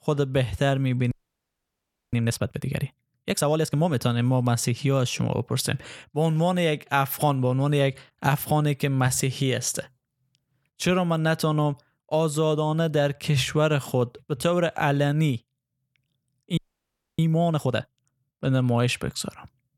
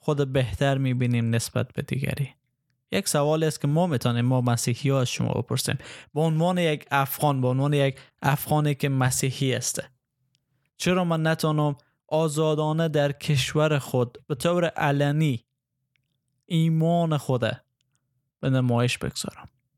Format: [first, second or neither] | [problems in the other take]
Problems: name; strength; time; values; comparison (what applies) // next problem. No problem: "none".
second | audio freezing; at 1 s for 1 s and at 17 s for 0.5 s